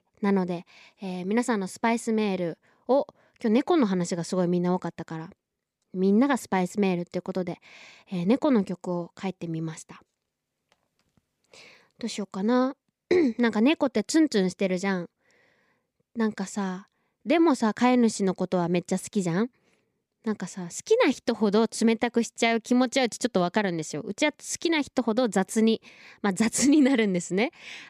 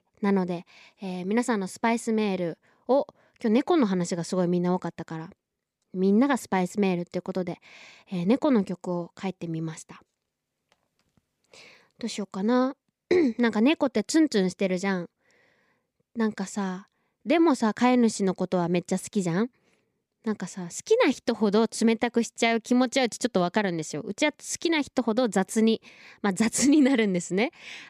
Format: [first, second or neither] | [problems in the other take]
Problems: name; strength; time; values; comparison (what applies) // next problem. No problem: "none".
neither | none